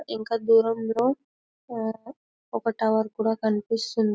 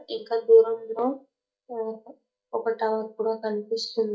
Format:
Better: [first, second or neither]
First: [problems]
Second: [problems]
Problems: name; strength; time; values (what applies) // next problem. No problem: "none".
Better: first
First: none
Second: noise reduction (neural mask model DeepFilterNet 3)